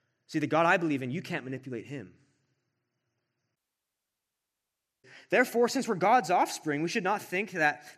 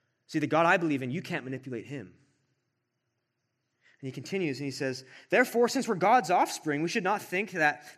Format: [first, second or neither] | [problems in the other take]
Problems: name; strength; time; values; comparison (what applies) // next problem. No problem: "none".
second | audio cutting out; at 3.5 s for 1.5 s